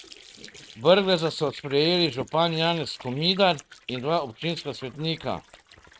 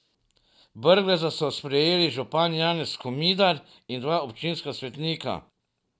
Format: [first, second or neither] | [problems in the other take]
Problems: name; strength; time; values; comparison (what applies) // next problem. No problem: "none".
second | noise reduction (neural mask model RNNoise)